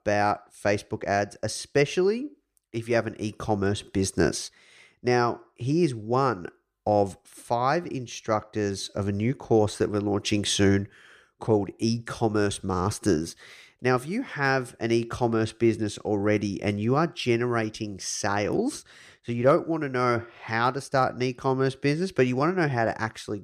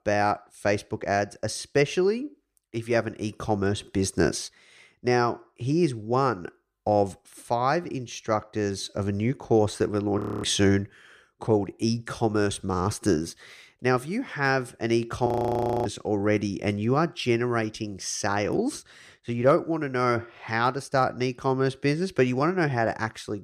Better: first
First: none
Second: audio freezing; at 10 s and at 15 s for 0.5 s

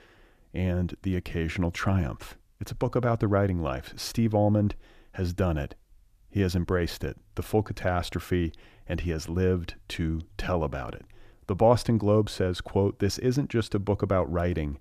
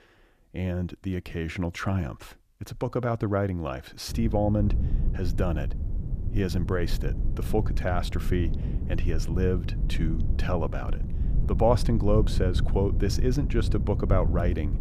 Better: first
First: none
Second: low rumble; noticeable; from 4 s on; 10 dB below the speech

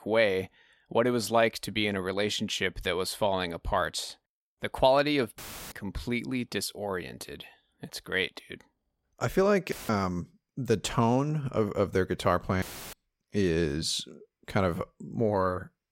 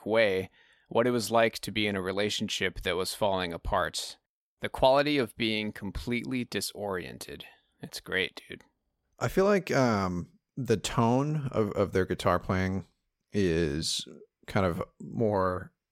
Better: second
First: audio cutting out; filled with static; at 5.5 s, at 9.5 s and at 13 s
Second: none

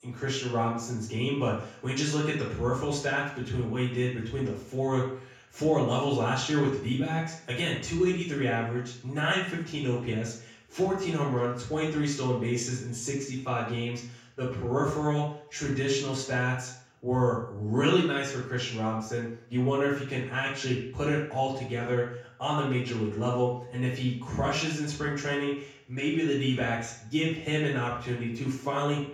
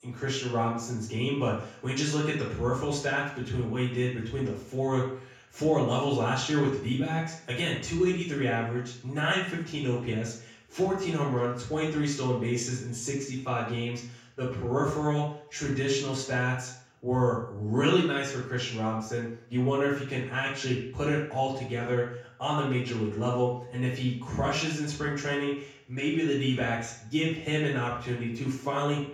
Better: neither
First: room echo; noticeable; dies away in 0.5 s // off-mic speech; far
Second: room echo; noticeable; dies away in 0.5 s // off-mic speech; far

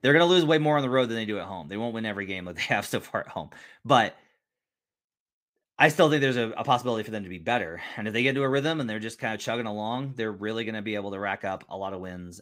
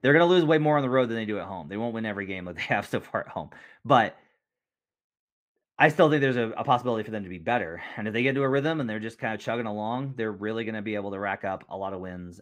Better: first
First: none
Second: muffled; slightly; fading above 3 kHz

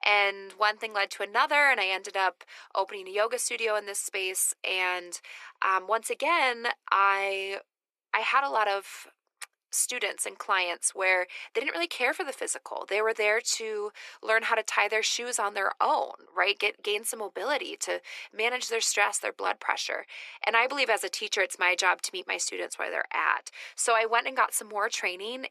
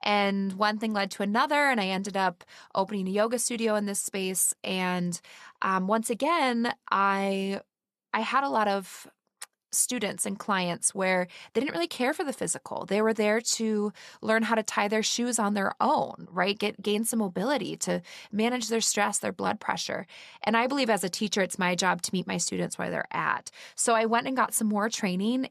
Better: second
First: thin; very; fading below 350 Hz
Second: none

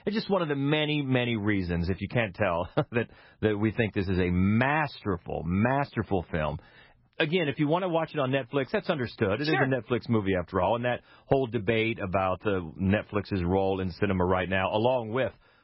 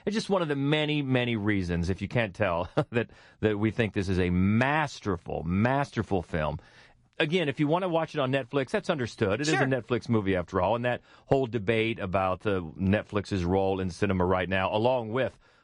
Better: second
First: garbled, watery; badly; nothing above 5.5 kHz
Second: garbled, watery; slightly; nothing above 10.5 kHz

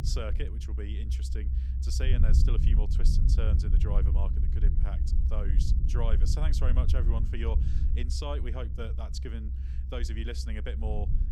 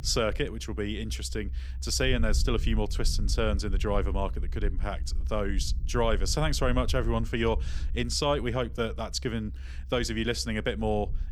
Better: second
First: low rumble; loud; throughout; 6 dB below the speech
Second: low rumble; faint; throughout; 25 dB below the speech

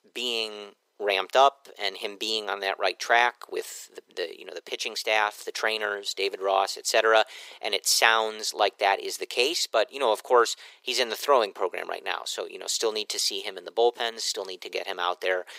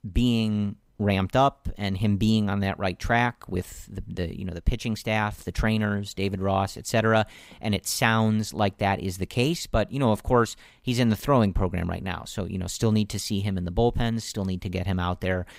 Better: second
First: thin; very; fading below 400 Hz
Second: none

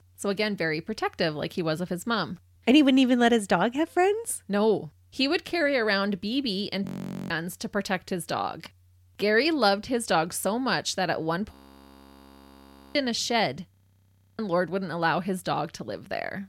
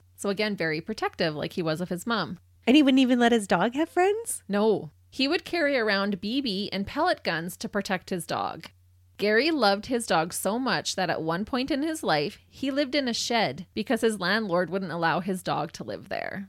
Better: second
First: audio freezing; at 7 s, at 12 s for 1.5 s and at 14 s for 0.5 s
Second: none

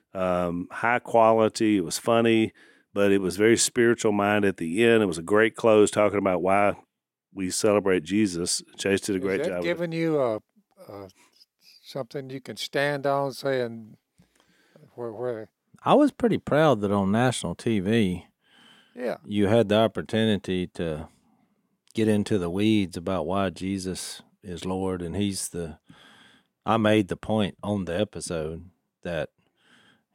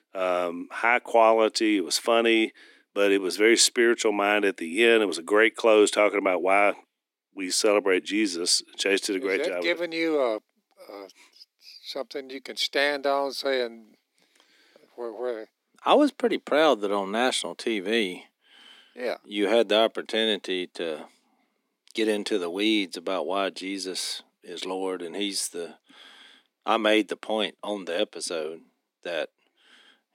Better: first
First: none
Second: thin; very slightly; fading below 250 Hz

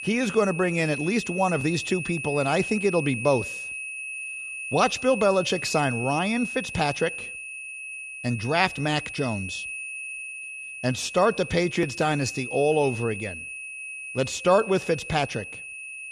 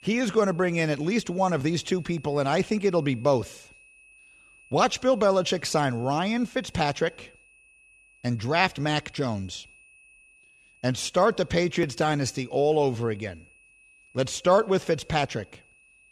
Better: second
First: high-pitched whine; loud; throughout; 2.5 kHz, 8 dB below the speech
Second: high-pitched whine; faint; throughout; 2.5 kHz, 30 dB below the speech

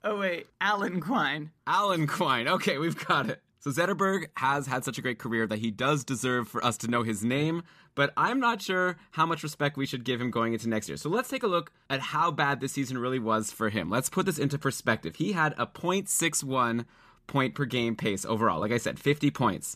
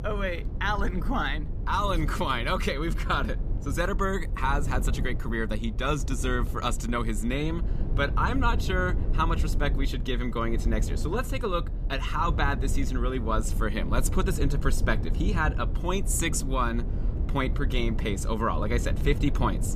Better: first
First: none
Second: low rumble; noticeable; throughout; 15 dB below the speech

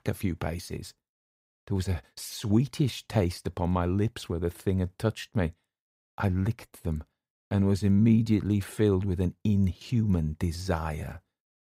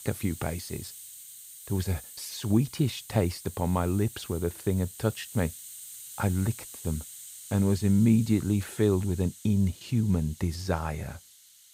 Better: first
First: none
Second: hiss; noticeable; throughout; 15 dB below the speech

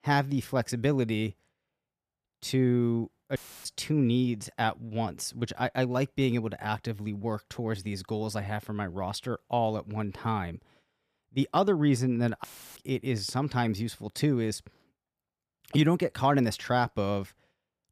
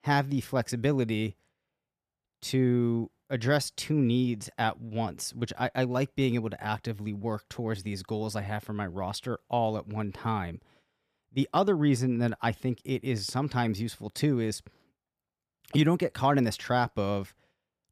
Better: second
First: audio cutting out; filled with static; at 3.5 s and at 12 s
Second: none

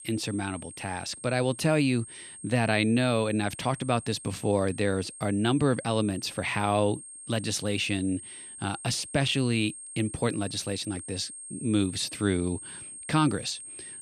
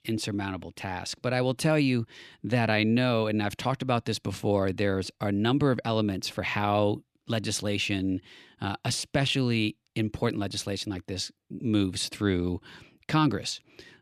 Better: second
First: high-pitched whine; noticeable; throughout; 8.5 kHz, 15 dB below the speech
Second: none

